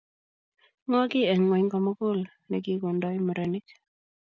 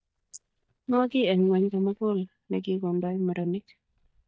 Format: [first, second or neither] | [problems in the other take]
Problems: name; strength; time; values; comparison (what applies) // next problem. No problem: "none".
first | noise reduction (neural mask model DeepFilterNet 3)